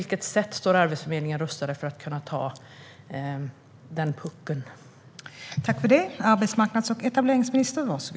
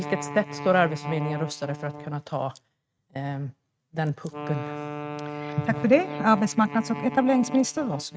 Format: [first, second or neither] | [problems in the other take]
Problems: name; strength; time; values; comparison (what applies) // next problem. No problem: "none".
first | noise reduction (neural mask model RNNoise)